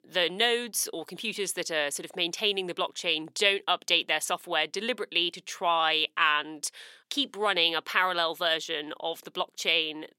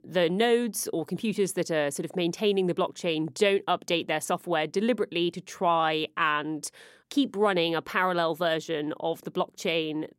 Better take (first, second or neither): second